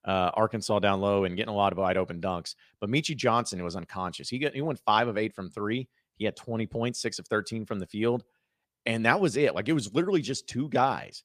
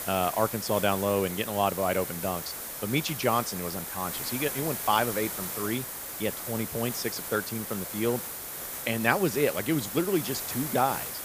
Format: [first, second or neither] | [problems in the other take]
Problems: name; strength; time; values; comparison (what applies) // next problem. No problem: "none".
first | hiss; loud; throughout; 5 dB below the speech